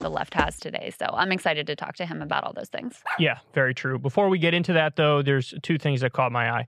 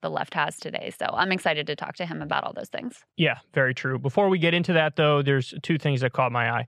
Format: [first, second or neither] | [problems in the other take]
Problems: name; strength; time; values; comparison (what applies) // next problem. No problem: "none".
second | footsteps; noticeable; at the start; peak 7 dB below the speech // dog barking; noticeable; at 3 s; peak 7 dB below the speech